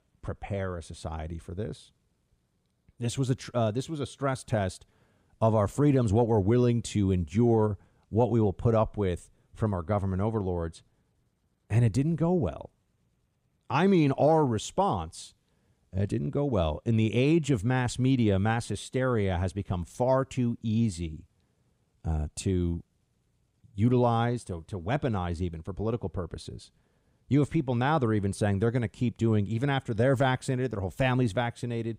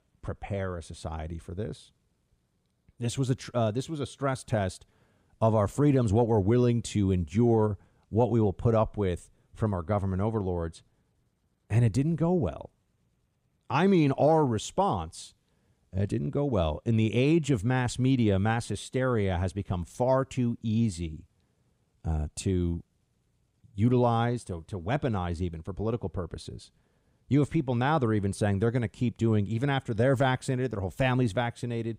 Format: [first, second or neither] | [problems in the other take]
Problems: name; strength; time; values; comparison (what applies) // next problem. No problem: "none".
neither | none